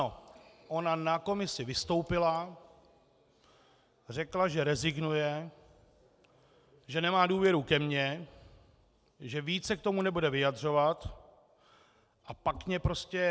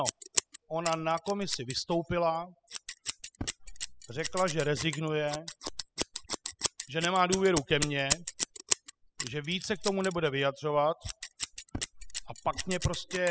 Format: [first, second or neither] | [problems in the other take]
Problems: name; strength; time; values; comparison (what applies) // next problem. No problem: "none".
first | noise reduction (classical method spectral subtraction)